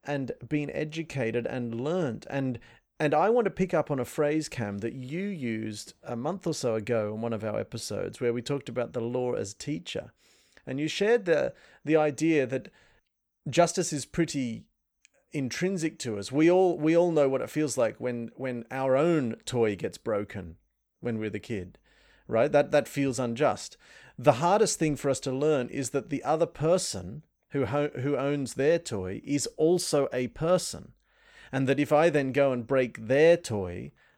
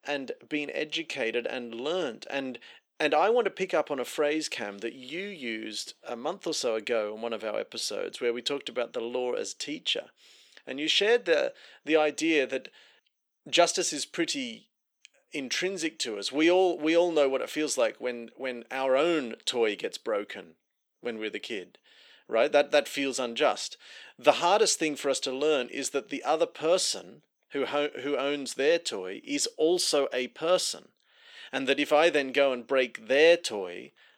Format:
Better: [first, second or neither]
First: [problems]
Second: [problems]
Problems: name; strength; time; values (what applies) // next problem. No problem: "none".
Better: first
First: none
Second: thin; very slightly; fading below 300 Hz